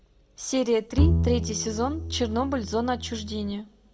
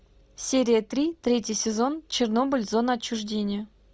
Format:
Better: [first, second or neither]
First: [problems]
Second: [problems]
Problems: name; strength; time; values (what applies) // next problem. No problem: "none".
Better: second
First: background sound (Bowed string instrument); 1 dB above the speech // room echo; dies away in 0.2 s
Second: none